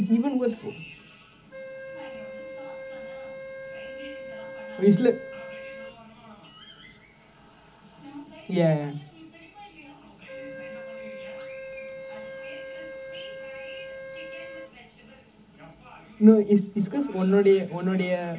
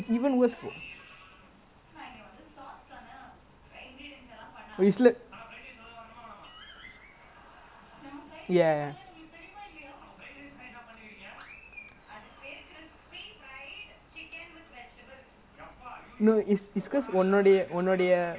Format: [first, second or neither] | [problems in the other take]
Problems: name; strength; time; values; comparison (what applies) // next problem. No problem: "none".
second | background sound (Wind instrument, woodwind instrument); 14 dB below the speech // room echo; dies away in 0.4 s